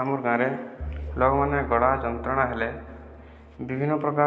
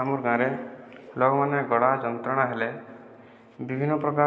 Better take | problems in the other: second | background sound (Bowed string instrument); 12 dB below the speech

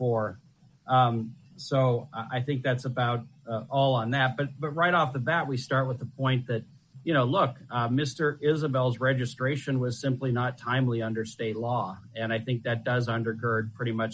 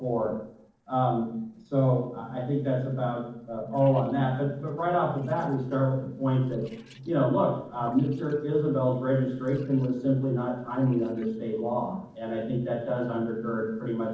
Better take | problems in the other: first | noise reduction (neural separator model SepFormer DNS4)

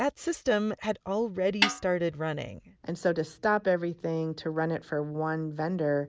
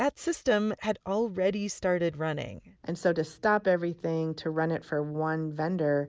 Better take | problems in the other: second | background sound (Snare drum); 1 dB below the speech

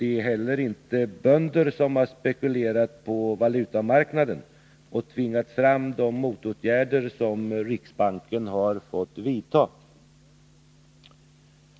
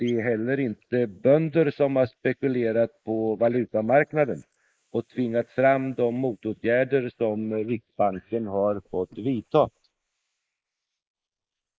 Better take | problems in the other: first | noise reduction (neural mask model Resemble Enhance denoiser)

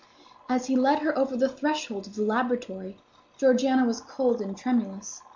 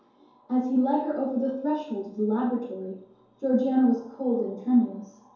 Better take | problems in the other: first | room echo; dies away in 2.4 s

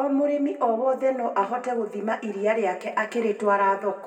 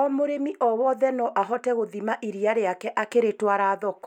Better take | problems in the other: second | room echo; dies away in 1.2 s

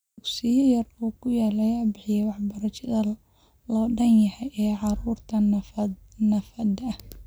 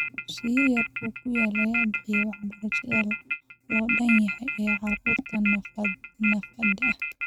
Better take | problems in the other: first | noise reduction (neural mask model RNNoise)

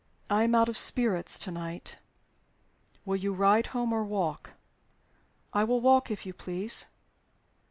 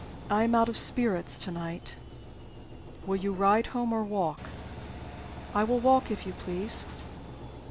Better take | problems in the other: first | background sound (Engine); 12 dB below the speech

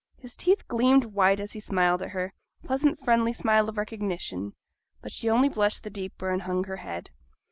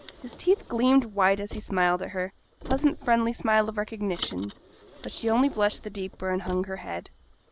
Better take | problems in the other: first | background sound (Car); 15 dB below the speech

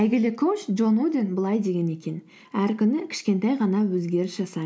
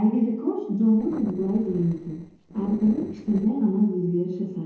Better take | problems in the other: first | noise reduction (neural separator model SepFormer DNS4)

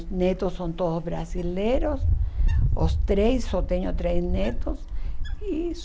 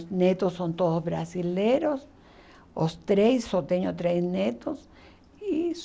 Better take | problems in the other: second | background sound (Wind); 2 dB above the speech

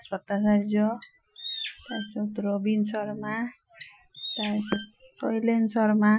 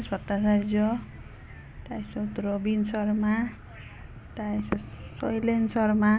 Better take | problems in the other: second | noise reduction (classical method Wiener filter)

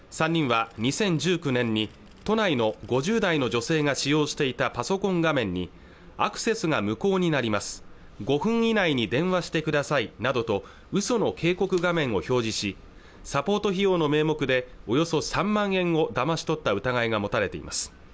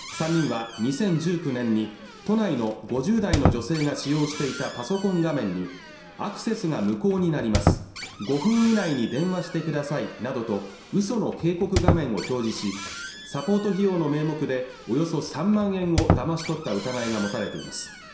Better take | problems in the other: first | background sound (Squeak); 6 dB below the speech // room echo; dies away in 0.7 s

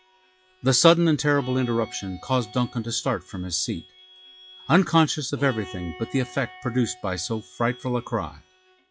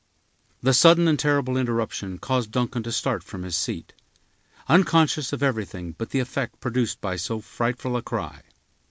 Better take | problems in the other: second | noise reduction (classical method log-MMSE)

